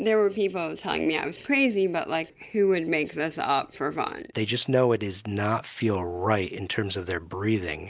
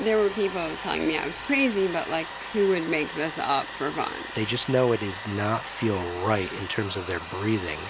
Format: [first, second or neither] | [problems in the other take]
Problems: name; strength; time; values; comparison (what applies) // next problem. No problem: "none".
first | background sound (Domestic sounds, home sounds); 11 dB below the speech